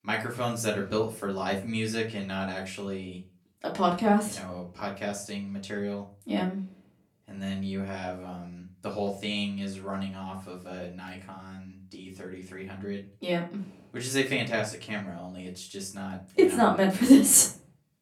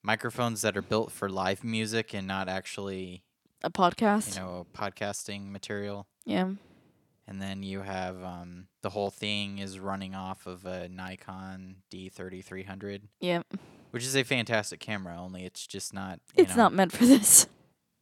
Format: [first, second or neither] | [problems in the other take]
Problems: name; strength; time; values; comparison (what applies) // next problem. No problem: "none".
second | off-mic speech; far // room echo; slight; dies away in 0.3 s